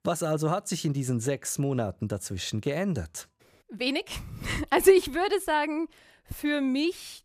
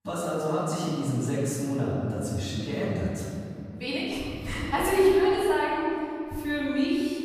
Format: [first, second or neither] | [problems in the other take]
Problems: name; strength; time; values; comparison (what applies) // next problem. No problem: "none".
first | off-mic speech; far // room echo; strong; dies away in 2.4 s